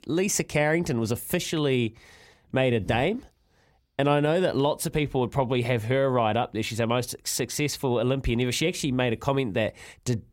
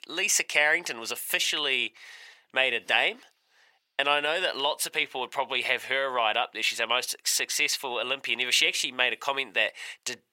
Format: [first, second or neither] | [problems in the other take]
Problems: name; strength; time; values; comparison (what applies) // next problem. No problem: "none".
first | thin; very; fading below 800 Hz